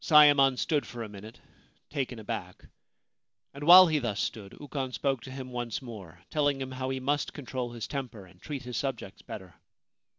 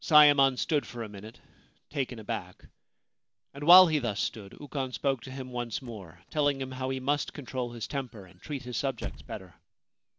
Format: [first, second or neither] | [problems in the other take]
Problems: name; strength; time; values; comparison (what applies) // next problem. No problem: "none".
first | background sound (Squeak / Slam / Wood); 15 dB below the speech